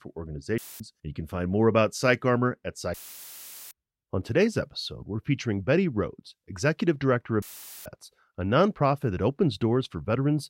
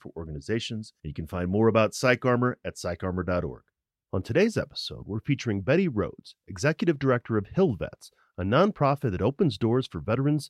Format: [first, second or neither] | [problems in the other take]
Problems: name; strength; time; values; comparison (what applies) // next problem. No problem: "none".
second | audio cutting out; filled with static; at 0.5 s, at 3 s for 1 s and at 7.5 s